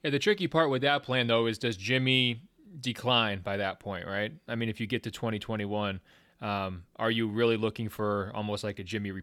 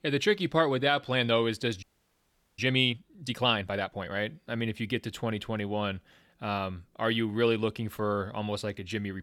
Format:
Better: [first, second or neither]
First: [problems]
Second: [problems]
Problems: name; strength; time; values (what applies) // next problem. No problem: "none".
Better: first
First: none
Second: audio freezing; at 2 s for 1 s